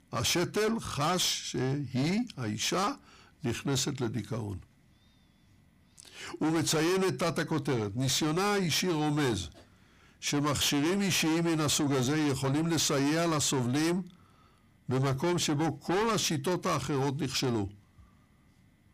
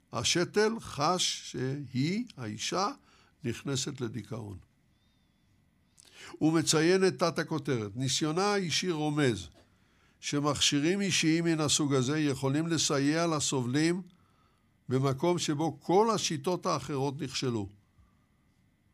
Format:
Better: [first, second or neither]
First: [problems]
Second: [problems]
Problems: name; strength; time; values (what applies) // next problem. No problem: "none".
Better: second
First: distortion; heavy; 7 dB below the speech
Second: none